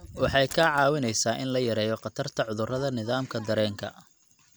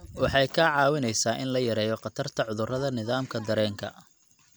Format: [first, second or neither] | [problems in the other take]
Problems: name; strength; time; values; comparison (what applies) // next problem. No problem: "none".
second | background sound (Splash, splatter); 19 dB below the speech